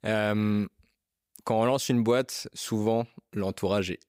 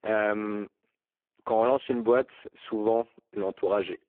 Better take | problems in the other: first | phone-call audio; poor line

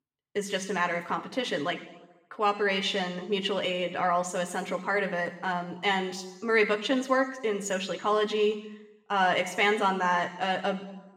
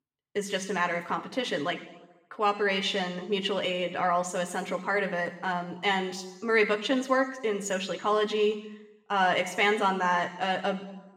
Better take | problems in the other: neither | room echo; slight; dies away in 0.9 s; the same in both

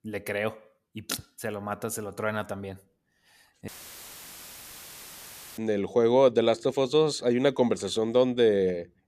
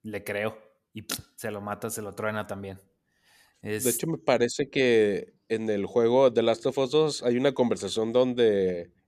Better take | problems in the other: second | audio cutting out; filled with static; at 3.5 s for 2 s

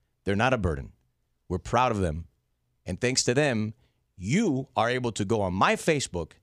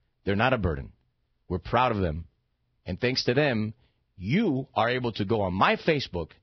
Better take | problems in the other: first | garbled, watery; badly; nothing above 5 kHz

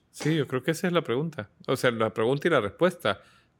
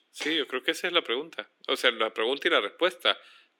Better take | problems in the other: first | thin; somewhat; fading below 300 Hz

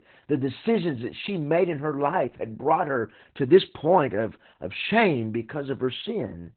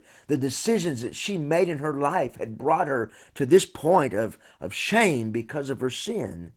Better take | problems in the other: second | garbled, watery; badly; nothing above 4 kHz; slightly in the second

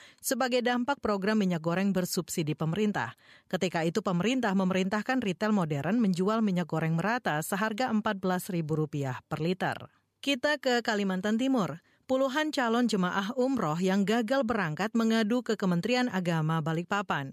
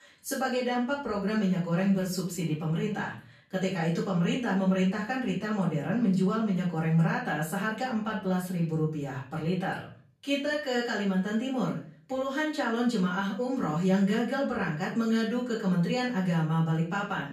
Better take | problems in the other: first | off-mic speech; far // room echo; slight; dies away in 0.4 s

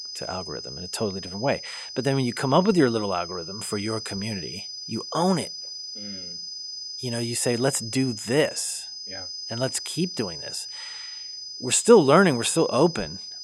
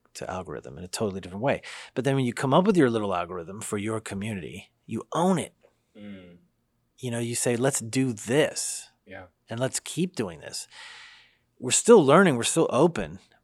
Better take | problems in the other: second | high-pitched whine; loud; throughout; 5 kHz, 10 dB below the speech

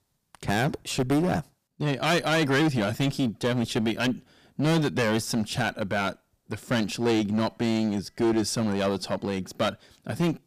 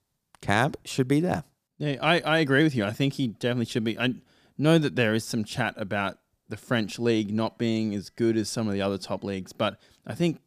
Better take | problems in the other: second | distortion; heavy; 11% of the sound clipped

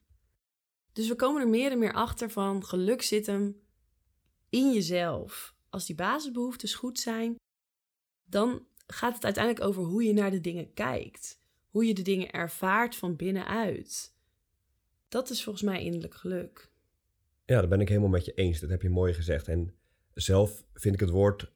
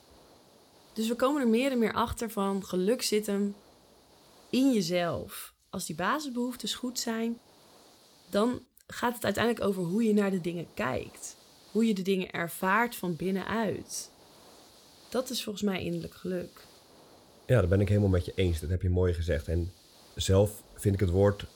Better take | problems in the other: first | hiss; faint; throughout; 25 dB below the speech

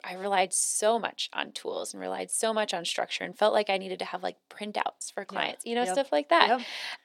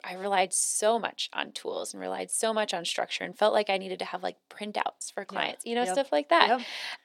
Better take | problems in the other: neither | thin; somewhat; fading below 350 Hz; the same in both

